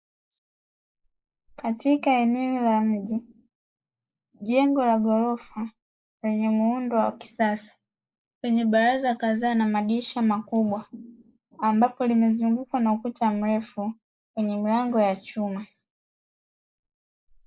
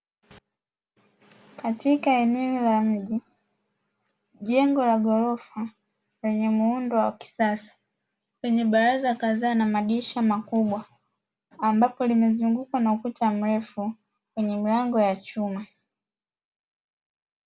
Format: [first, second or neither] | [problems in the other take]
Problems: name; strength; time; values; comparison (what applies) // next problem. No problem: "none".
second | noise reduction (neural mask model Resemble Enhance denoiser)